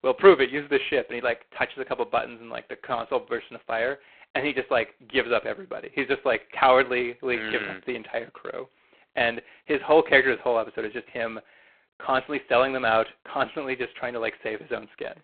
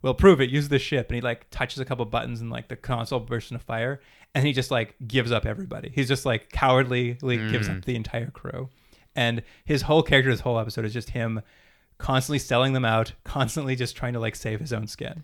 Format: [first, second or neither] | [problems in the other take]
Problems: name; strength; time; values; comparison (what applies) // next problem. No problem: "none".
second | phone-call audio; poor line; nothing above 4 kHz